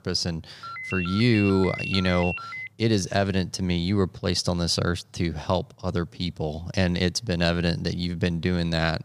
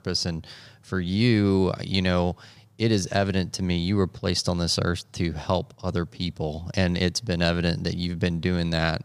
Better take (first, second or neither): second